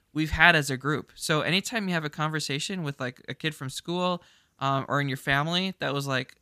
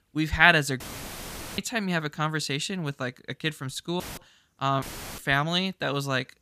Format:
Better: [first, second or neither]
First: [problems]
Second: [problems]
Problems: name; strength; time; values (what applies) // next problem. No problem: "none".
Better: first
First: none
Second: audio cutting out; filled with static; at 1 s for 1 s, at 4 s and at 5 s